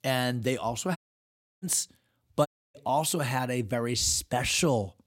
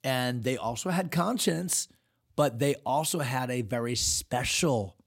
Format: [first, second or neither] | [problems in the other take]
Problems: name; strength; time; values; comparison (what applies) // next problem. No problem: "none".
second | audio cutting out; at 1 s for 0.5 s and at 2.5 s